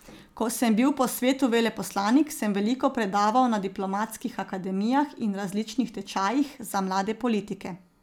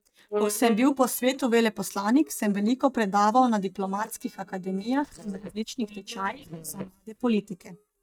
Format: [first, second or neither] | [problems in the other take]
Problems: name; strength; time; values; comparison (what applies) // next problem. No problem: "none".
first | noise reduction (neural mask model DeepFilterNet 3)